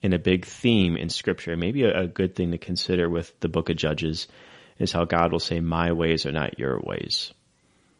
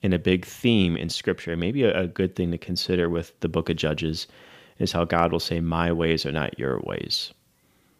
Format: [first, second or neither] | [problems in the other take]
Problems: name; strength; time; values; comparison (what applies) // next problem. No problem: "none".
second | garbled, watery; slightly; nothing above 10.5 kHz